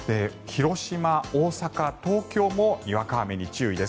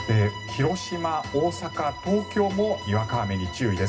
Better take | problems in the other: first | background sound (Bowed string instrument); 14 dB below the speech // room echo; dies away in 0.4 s

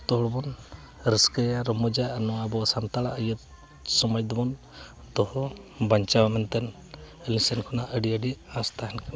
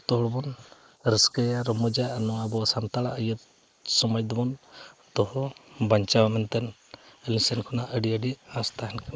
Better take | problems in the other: first | noise reduction (neural mask model Resemble Enhance denoiser)

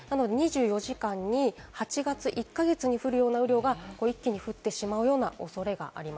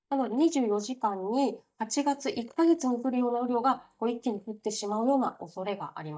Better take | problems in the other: first | noise reduction (neural mask model DeepFilterNet 3)

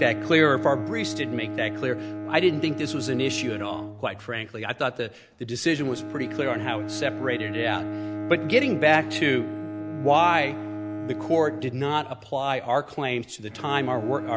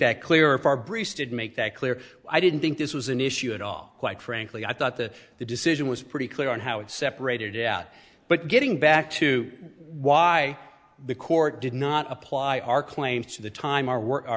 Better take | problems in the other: second | background sound (Bowed string instrument); 8 dB below the speech

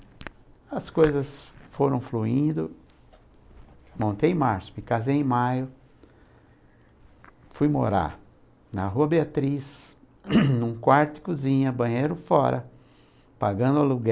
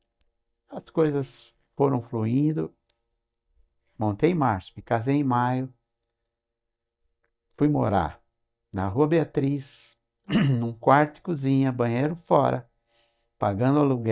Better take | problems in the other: first | noise reduction (neural mask model DeepFilterNet 3)

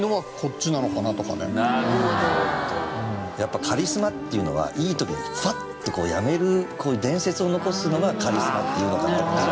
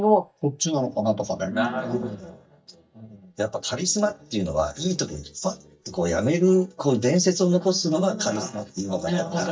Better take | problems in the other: first | noise reduction (neural mask model DeepFilterNet 3)

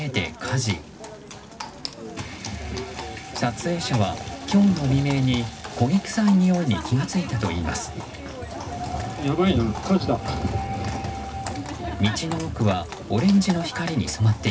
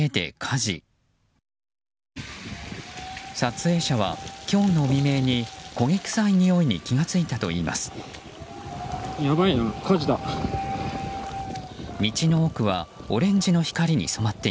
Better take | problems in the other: second | background sound (Livestock, farm animals, working animals); 12 dB below the speech // room echo; dies away in 0.4 s

